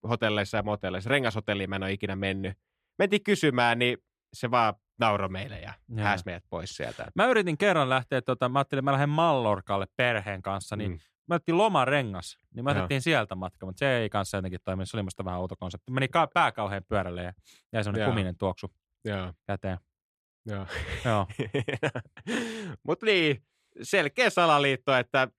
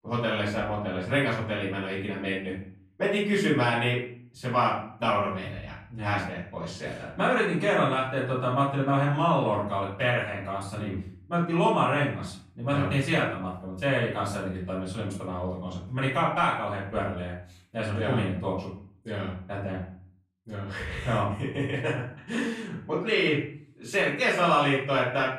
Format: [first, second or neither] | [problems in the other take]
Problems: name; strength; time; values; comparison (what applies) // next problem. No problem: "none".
first | room echo; noticeable; dies away in 0.4 s // off-mic speech; far